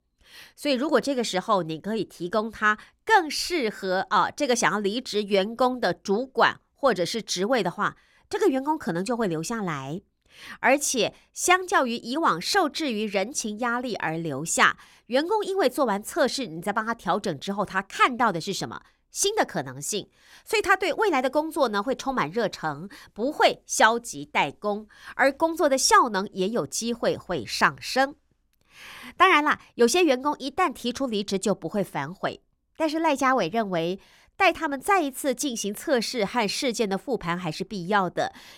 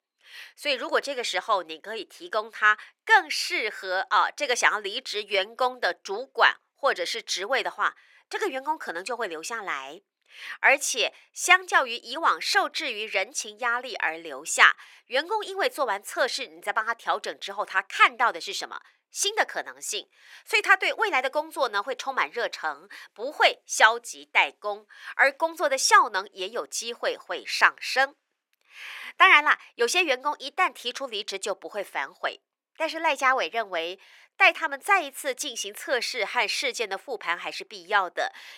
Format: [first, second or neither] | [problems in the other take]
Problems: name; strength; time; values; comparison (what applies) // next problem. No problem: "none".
first | thin; very; fading below 450 Hz